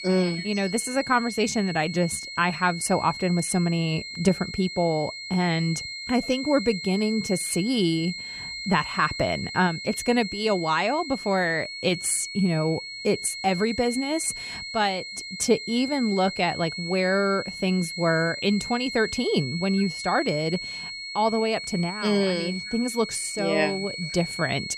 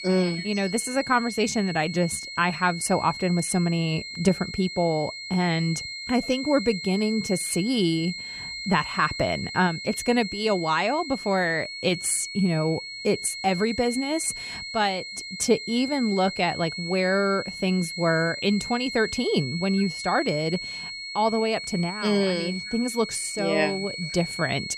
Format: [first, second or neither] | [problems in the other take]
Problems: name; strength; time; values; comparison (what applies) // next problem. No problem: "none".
neither | high-pitched whine; loud; throughout; 2 kHz, 8 dB below the speech; the same in both